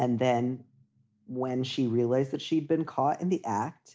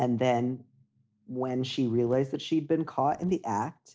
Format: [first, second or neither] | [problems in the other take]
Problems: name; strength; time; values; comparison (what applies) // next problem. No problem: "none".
first | noise reduction (neural separator model SepFormer DNS4)